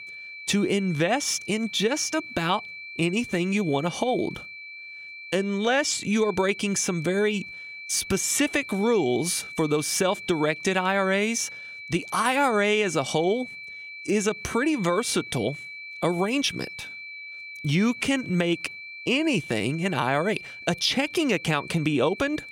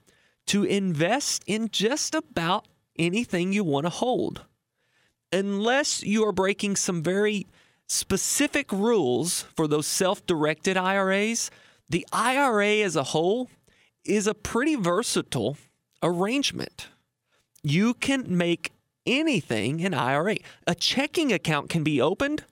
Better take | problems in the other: second | high-pitched whine; noticeable; throughout; 2.5 kHz, 10 dB below the speech

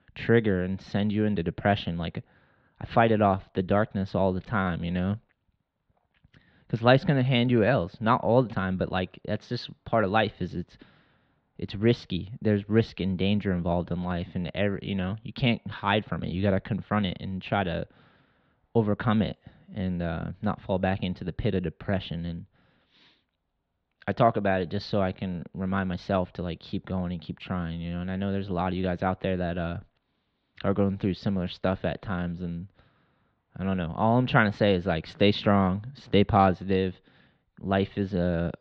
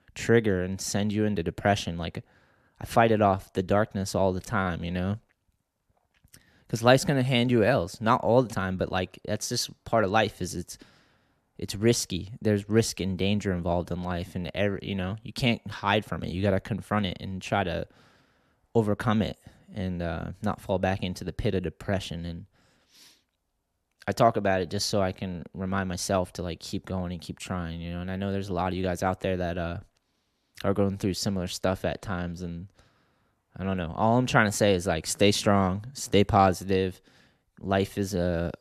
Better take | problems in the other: second | muffled; slightly; fading above 4 kHz

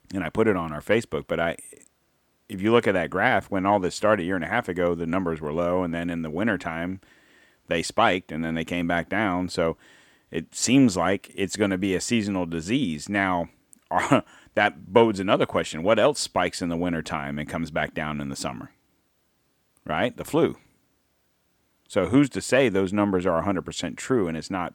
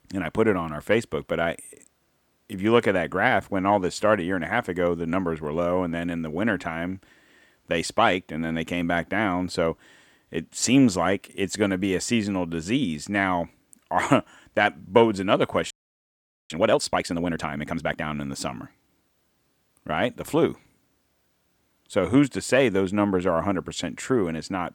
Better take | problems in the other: first | audio freezing; at 16 s for 1 s

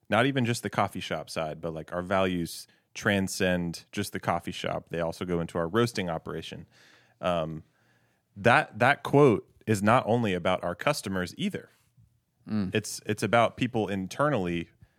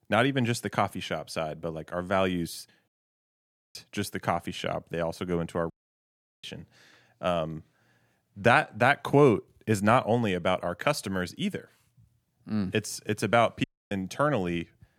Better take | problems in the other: first | audio cutting out; at 3 s for 1 s, at 5.5 s for 0.5 s and at 14 s

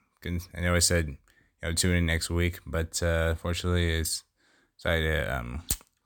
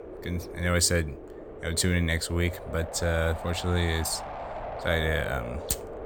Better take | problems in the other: first | wind noise on the microphone; heavy; 9 dB below the speech

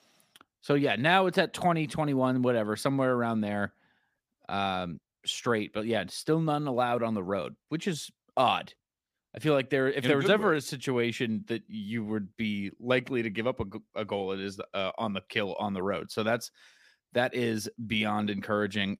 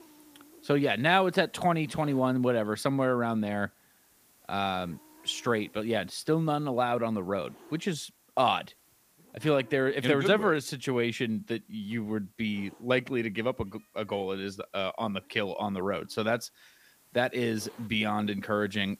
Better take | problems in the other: first | hiss; faint; throughout; 30 dB below the speech

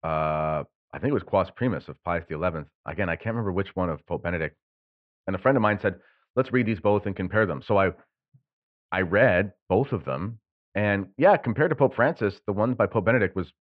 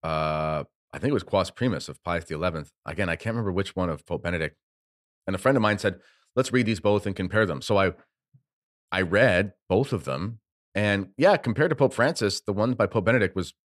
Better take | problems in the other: second | muffled; very; fading above 2.5 kHz

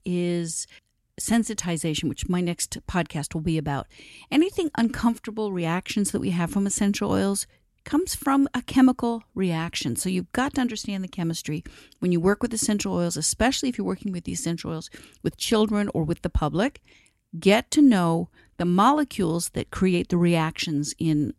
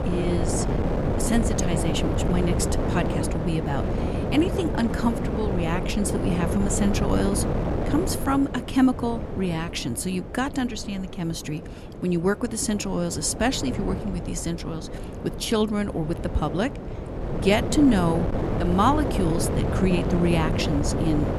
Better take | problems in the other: first | wind noise on the microphone; heavy; 3 dB below the speech

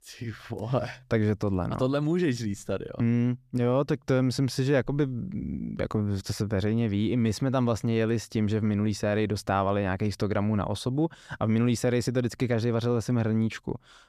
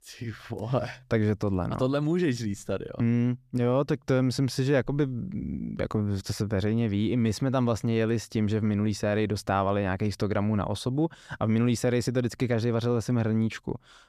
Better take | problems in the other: neither | none

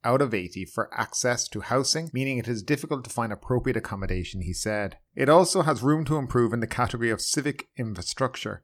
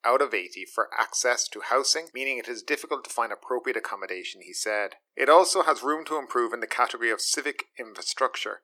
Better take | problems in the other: first | thin; very; fading below 350 Hz

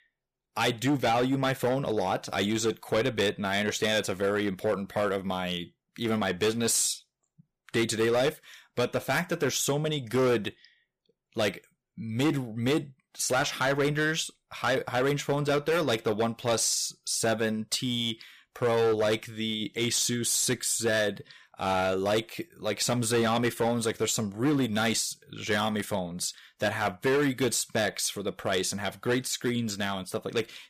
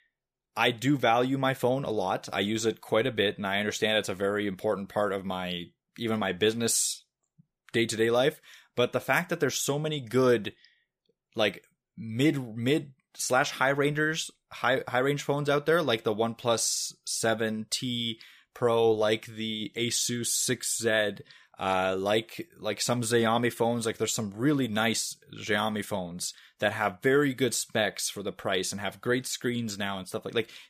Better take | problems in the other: second | distortion; slight; 8% of the sound clipped

